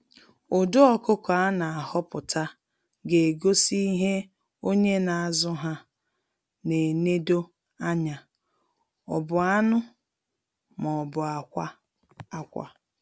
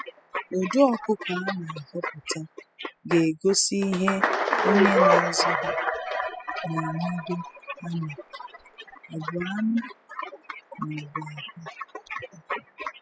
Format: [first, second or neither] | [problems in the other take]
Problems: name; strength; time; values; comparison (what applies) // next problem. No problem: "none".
first | noise reduction (classical method spectral subtraction)